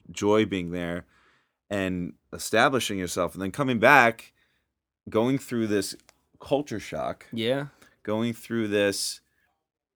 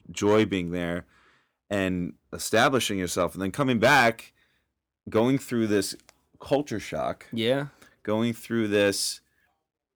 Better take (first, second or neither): first